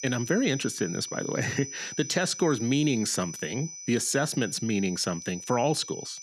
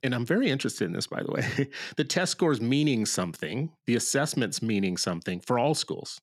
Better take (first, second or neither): second